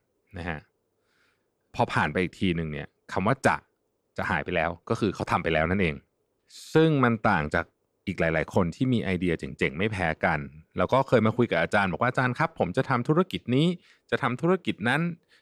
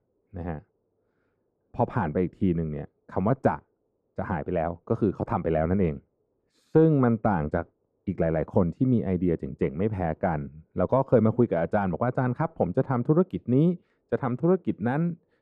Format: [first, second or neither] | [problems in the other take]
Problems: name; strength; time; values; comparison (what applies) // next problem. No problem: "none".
first | muffled; very; fading above 1.5 kHz